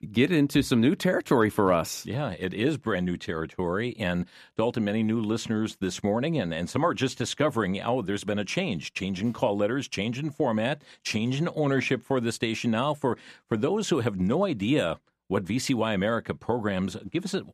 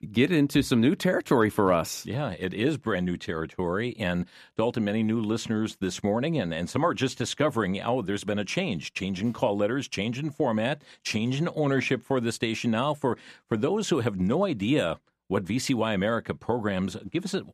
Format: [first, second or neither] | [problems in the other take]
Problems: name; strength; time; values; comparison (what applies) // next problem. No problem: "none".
neither | none